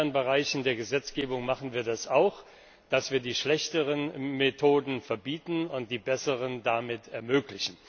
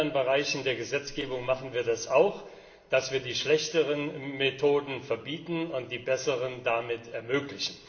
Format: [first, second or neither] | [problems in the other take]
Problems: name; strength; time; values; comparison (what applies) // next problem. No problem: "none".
first | room echo; dies away in 1 s